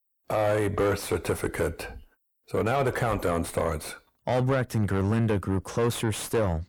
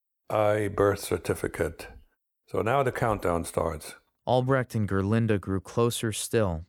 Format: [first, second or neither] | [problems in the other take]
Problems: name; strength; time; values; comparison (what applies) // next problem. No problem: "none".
second | distortion; heavy; 8 dB below the speech